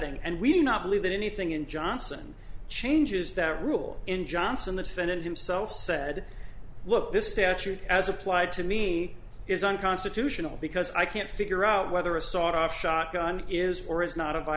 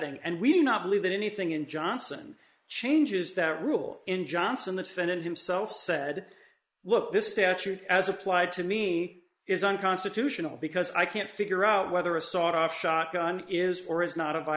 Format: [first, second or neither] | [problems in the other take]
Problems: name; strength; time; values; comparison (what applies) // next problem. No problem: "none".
first | noise reduction (neural mask model Resemble Enhance denoiser)